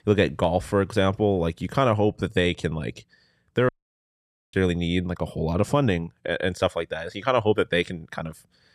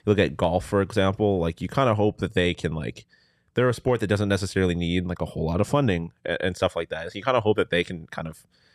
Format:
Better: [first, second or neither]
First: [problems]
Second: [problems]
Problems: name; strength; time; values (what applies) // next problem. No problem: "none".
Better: second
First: audio cutting out; at 3.5 s for 1 s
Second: none